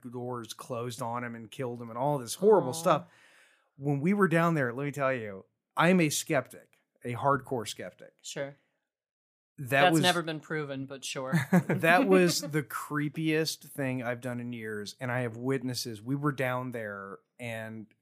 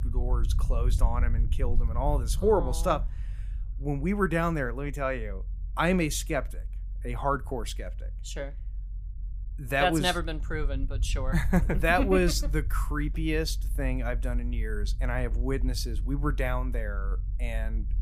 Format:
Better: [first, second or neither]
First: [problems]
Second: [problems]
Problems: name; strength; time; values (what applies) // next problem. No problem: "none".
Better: first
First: none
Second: low rumble; faint; throughout; 25 dB below the speech